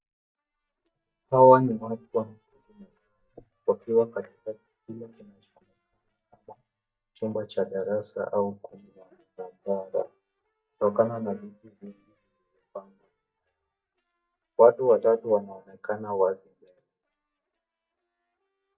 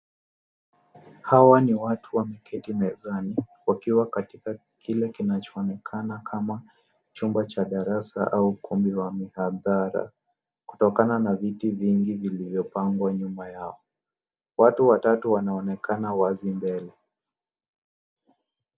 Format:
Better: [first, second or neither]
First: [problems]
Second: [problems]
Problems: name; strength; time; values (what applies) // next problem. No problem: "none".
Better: second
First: noise reduction (neural mask model DeepFilterNet 3)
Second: none